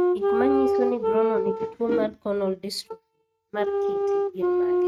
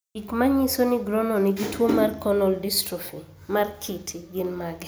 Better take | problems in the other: second | noise reduction (neural mask model RNNoise)

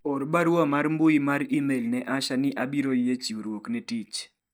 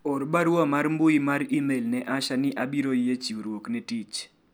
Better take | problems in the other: second | noise reduction (neural mask model DeepFilterNet 3)

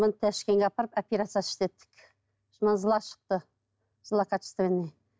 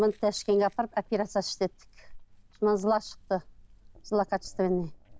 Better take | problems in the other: first | background sound (Chewing, mastication); 19 dB below the speech

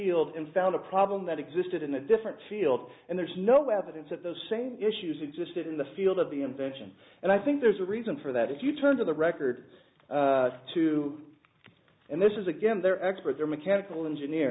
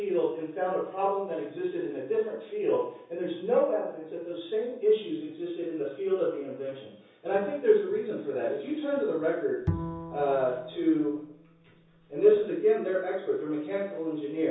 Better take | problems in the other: first | background sound (Bowed string instrument); 9 dB below the speech // room echo; dies away in 0.6 s

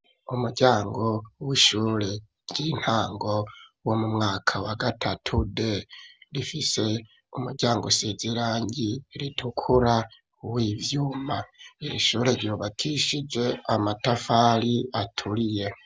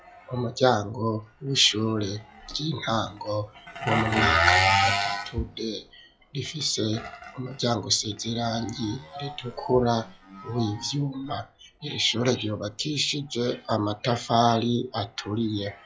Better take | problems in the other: first | noise reduction (classical method log-MMSE)

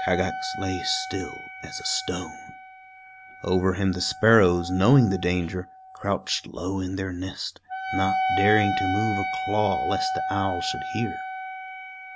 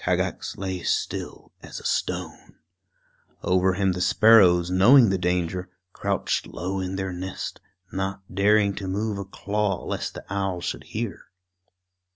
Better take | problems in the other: second | background sound (Wind instrument, woodwind instrument); 5 dB below the speech

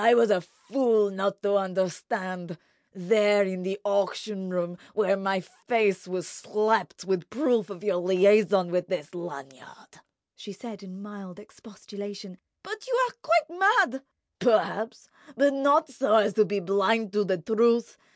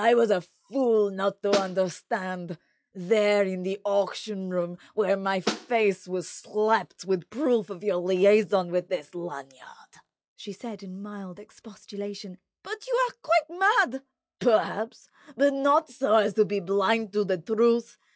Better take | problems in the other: first | noise reduction (classical method log-MMSE)

